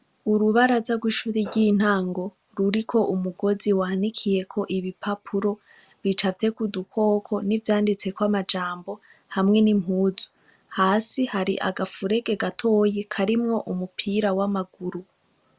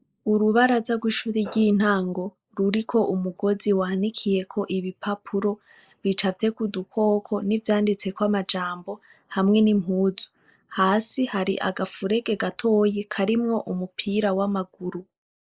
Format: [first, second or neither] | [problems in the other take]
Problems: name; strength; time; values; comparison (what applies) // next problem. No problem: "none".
first | noise reduction (neural mask model Resemble Enhance denoiser)